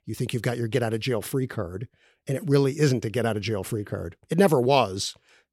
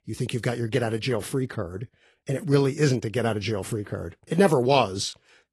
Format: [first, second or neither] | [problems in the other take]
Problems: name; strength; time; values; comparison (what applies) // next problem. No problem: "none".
first | garbled, watery; slightly; nothing above 11.5 kHz